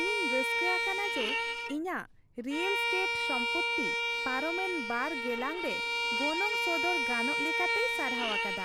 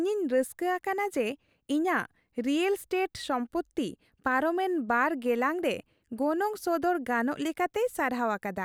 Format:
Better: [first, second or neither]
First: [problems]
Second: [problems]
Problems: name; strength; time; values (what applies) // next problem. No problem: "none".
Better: second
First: background sound (Bowed string instrument); 4 dB above the speech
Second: none